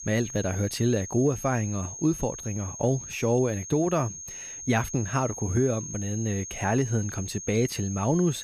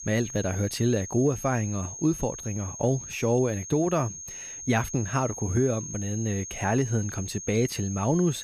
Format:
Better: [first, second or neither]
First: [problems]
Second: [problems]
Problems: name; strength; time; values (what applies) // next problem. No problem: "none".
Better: neither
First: high-pitched whine; loud; throughout; 6.5 kHz, 9 dB below the speech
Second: high-pitched whine; loud; throughout; 6.5 kHz, 9 dB below the speech